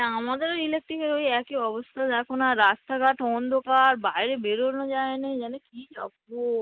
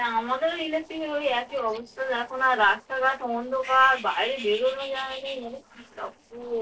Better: first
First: none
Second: noise reduction (neural separator model SepFormer DNS4)

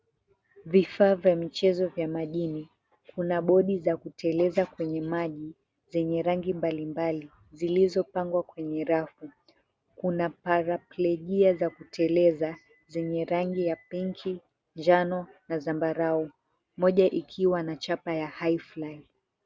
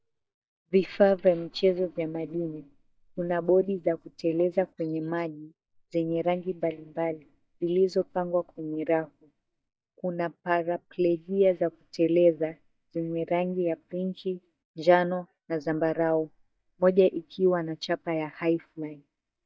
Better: first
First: none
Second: noise reduction (neural mask model DeepFilterNet 3)

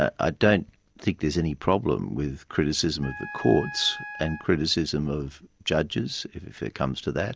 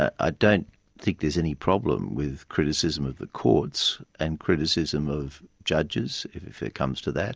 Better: second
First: background sound (Wind instrument, woodwind instrument); 13 dB below the speech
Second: none

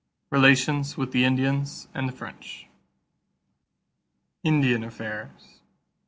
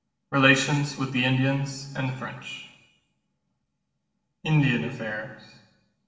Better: first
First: none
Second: room echo; dies away in 1 s

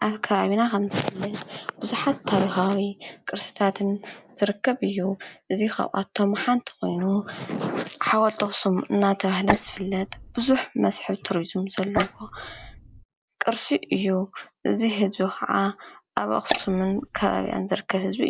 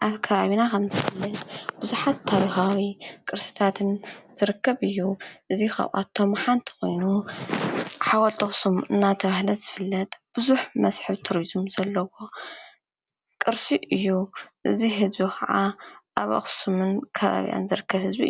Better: second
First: noise reduction (neural mask model Resemble Enhance denoiser)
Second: none

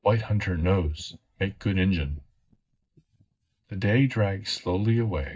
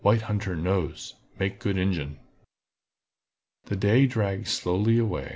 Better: second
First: noise reduction (neural mask model DeepFilterNet 3)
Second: none

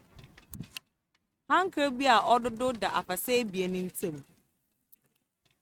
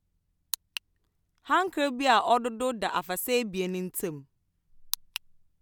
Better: second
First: noise reduction (neural mask model RNNoise)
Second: none

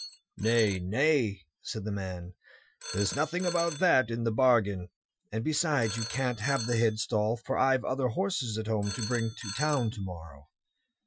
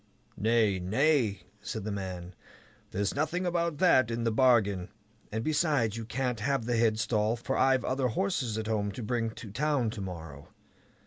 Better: second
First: noise reduction (classical method Wiener filter)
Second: none

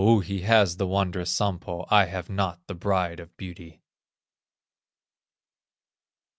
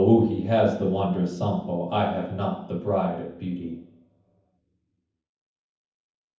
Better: first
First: none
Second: room echo; dies away in 0.7 s

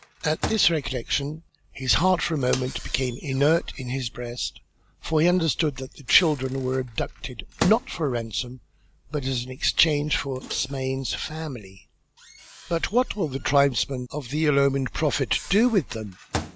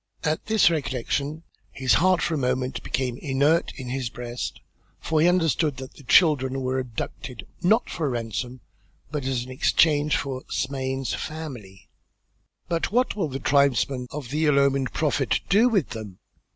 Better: second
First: background sound (Microwave oven); 15 dB below the speech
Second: none

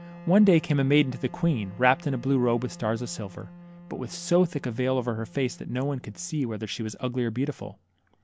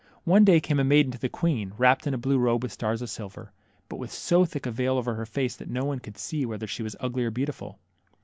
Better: second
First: background sound (Wind instrument, woodwind instrument); 20 dB below the speech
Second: none

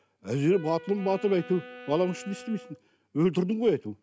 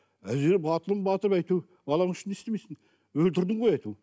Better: second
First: background sound (Wind instrument, woodwind instrument); 18 dB below the speech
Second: none

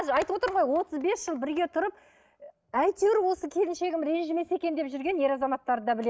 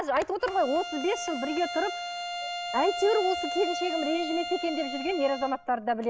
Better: first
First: none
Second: background sound (Bowed string instrument); 7 dB below the speech

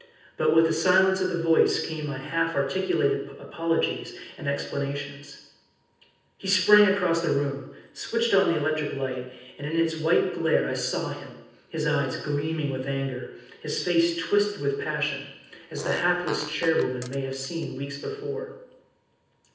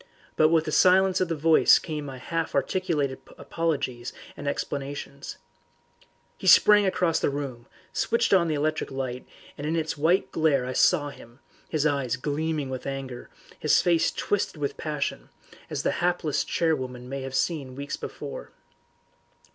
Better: second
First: noise reduction (neural separator model SepFormer DNS4)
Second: none

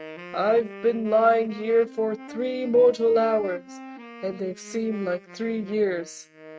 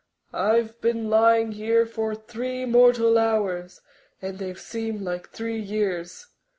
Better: second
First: noise reduction (neural mask model RNNoise)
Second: none

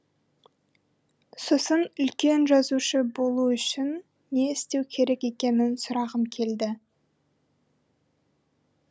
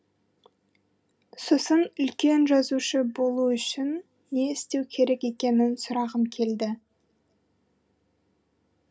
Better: first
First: none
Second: room echo; dies away in 0.3 s

